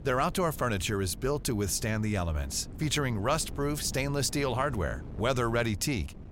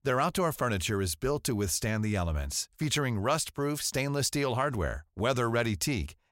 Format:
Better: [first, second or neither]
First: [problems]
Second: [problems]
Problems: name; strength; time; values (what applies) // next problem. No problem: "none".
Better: second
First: wind noise on the microphone; occasional gusts; 20 dB below the speech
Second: none